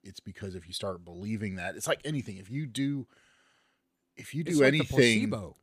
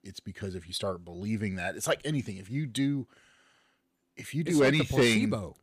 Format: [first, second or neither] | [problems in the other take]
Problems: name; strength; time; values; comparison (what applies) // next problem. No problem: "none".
first | distortion; slight; 10 dB below the speech